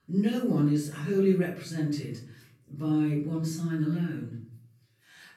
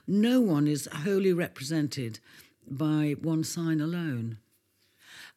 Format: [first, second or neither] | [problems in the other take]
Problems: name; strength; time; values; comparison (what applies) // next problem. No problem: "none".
second | off-mic speech; far // room echo; noticeable; dies away in 0.5 s